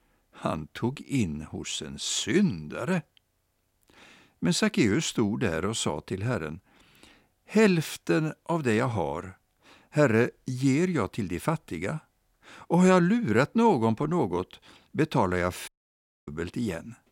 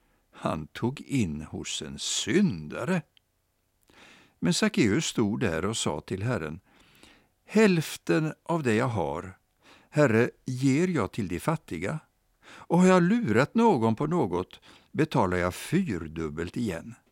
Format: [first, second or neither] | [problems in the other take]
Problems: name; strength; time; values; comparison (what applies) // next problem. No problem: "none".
second | audio cutting out; at 16 s for 0.5 s